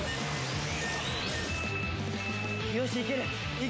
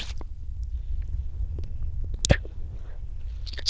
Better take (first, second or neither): first